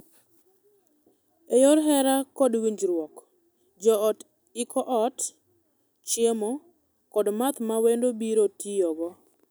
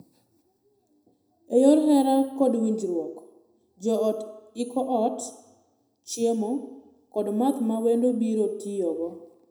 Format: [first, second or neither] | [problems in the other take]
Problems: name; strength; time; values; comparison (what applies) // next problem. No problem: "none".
first | room echo; dies away in 0.8 s